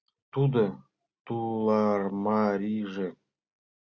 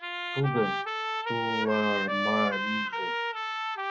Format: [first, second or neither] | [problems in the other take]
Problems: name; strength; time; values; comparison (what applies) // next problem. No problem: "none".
first | noise reduction (classical method log-MMSE)